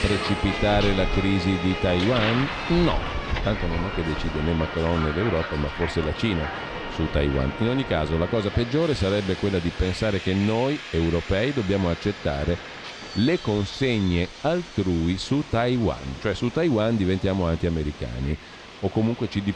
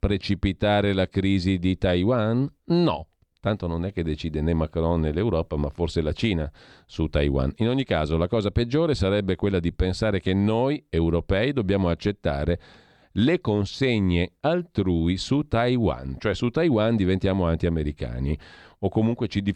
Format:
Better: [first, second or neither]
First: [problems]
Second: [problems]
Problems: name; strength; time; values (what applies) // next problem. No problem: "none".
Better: second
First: train or aircraft noise; loud; throughout; 7 dB below the speech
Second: none